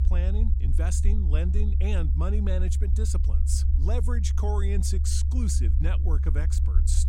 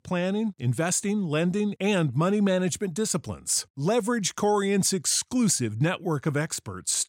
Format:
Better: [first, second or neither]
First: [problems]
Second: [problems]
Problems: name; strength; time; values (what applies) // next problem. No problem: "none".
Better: second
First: low rumble; loud; throughout; 6 dB below the speech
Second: none